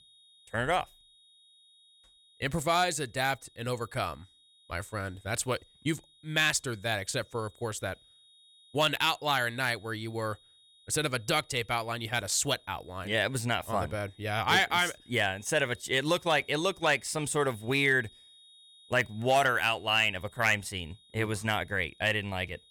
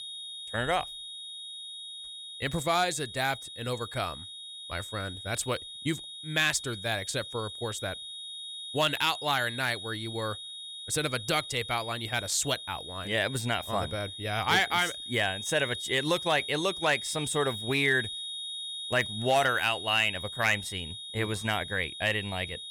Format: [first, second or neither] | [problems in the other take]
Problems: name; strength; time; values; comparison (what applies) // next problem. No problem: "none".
first | high-pitched whine; loud; throughout; 3.5 kHz, 8 dB below the speech; faint in the first